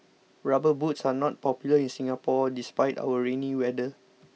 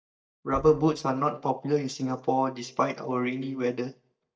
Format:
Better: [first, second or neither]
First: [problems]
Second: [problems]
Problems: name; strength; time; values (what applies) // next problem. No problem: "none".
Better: first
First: none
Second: noise reduction (neural mask model DeepFilterNet 3)